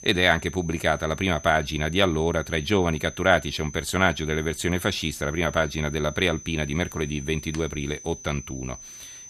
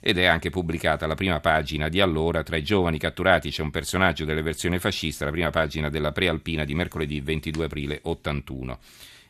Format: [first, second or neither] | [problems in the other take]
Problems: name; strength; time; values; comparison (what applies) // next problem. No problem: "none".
second | high-pitched whine; noticeable; throughout; 6 kHz, 15 dB below the speech